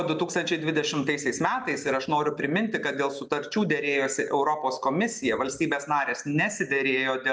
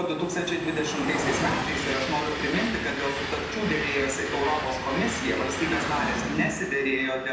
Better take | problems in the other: first | background sound (Train); 4 dB below the speech // room echo; dies away in 0.8 s

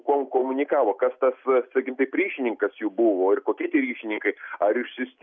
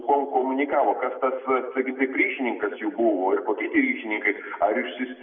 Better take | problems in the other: first | room echo; dies away in 1.4 s

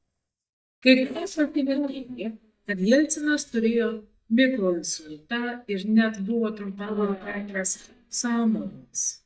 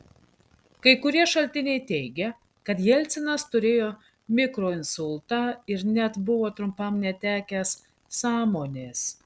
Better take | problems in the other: second | noise reduction (neural mask model DeepFilterNet 3)

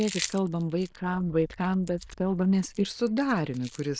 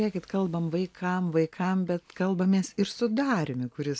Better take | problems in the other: second | noise reduction (neural diffusion model UNIVERSE++)

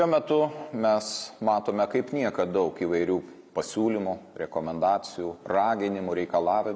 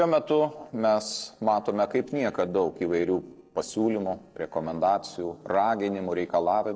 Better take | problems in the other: first | noise reduction (neural separator model SepFormer DNS4)

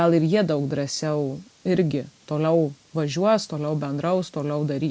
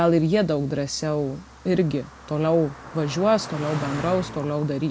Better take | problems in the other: first | background sound (Car passing by); 15 dB below the speech

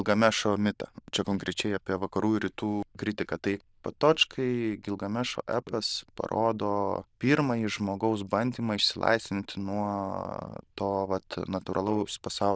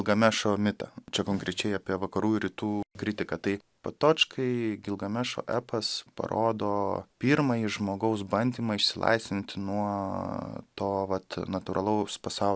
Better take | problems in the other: second | noise reduction (neural diffusion model UNIVERSE++)

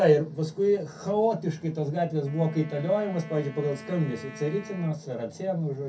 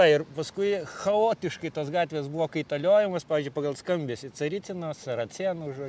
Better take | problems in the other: second | background sound (Wind instrument, woodwind instrument); 18 dB below the speech // room echo; dies away in 0.3 s

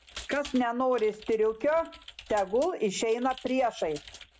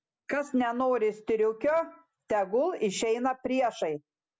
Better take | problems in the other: second | background sound (Computer keyboard); 20 dB below the speech

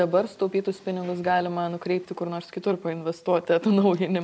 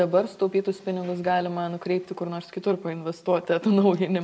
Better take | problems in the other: first | room echo; dies away in 1.3 s

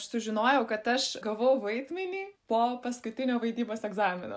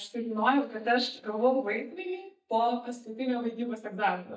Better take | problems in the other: first | noise reduction (neural mask model DeepFilterNet 3)

